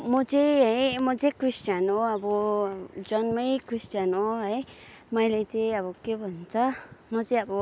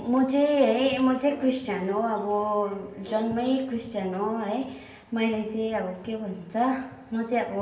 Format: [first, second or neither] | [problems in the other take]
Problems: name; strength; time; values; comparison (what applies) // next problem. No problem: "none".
first | background sound (Brass instrument); 20 dB below the speech // room echo; dies away in 0.9 s